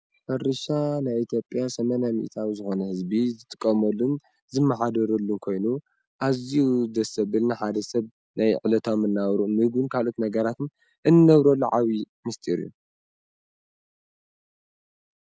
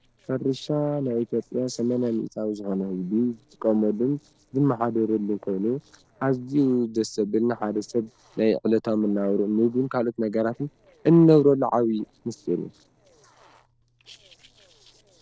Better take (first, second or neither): first